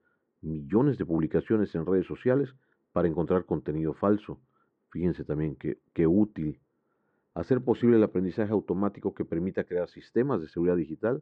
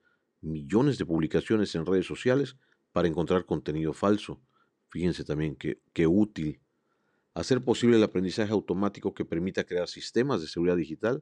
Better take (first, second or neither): second